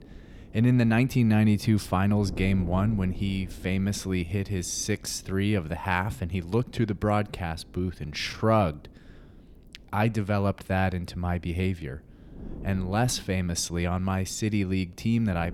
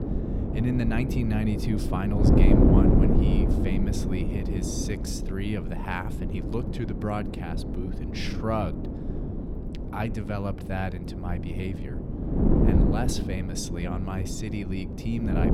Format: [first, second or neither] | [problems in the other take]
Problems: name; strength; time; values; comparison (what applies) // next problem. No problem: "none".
first | wind noise on the microphone; heavy; 1 dB above the speech; occasional gusts in the first